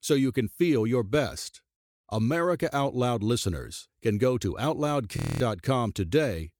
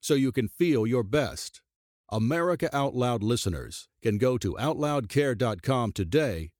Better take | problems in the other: second | audio freezing; at 5 s

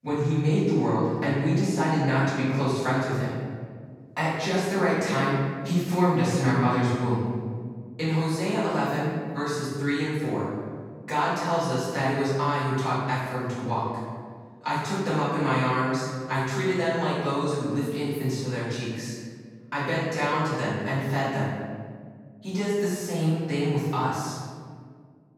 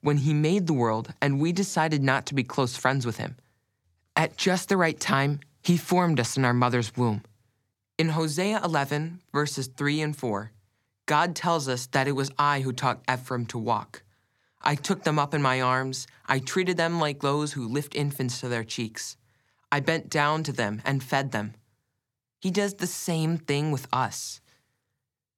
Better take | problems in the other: second | off-mic speech; far // room echo; strong; dies away in 1.8 s

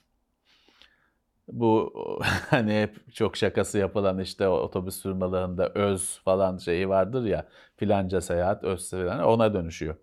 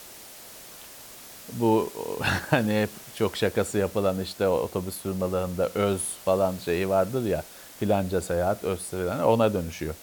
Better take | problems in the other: first | hiss; noticeable; throughout; 15 dB below the speech

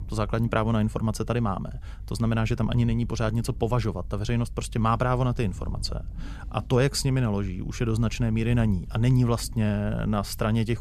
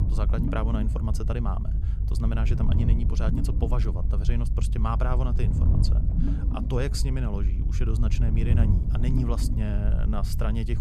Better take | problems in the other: first | low rumble; loud; throughout; 5 dB below the speech; faint in the first

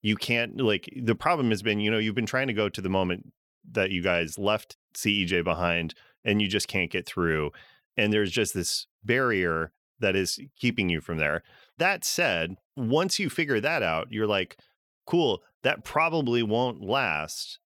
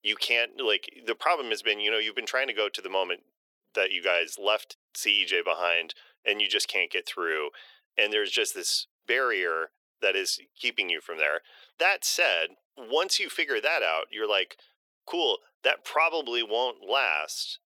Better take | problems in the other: first | thin; very; fading below 400 Hz

